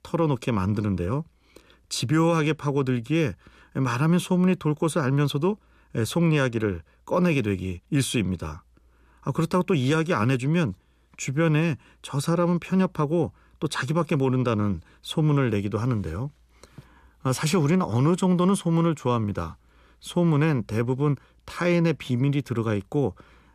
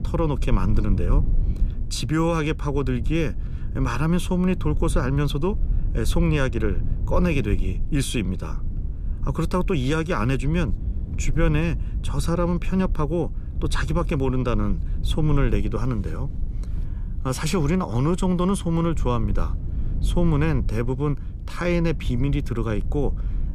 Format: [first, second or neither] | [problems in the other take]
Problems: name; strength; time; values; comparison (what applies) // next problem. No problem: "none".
first | low rumble; noticeable; throughout; 15 dB below the speech